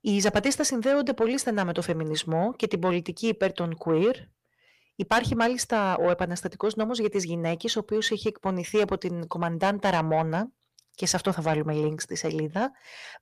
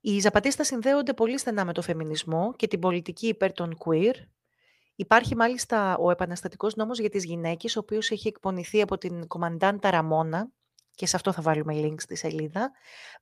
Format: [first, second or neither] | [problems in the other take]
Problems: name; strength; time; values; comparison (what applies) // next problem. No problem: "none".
second | distortion; slight; 10 dB below the speech